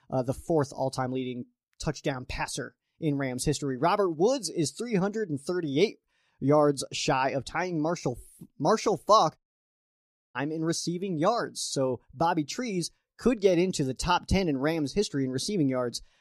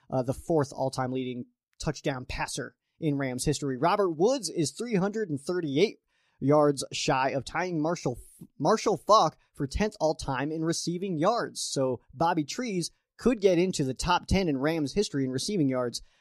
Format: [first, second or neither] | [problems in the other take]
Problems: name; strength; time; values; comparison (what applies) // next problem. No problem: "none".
second | audio cutting out; at 9.5 s for 1 s